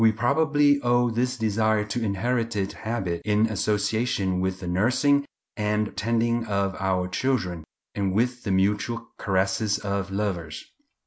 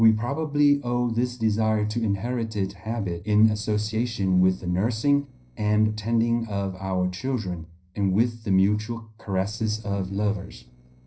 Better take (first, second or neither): first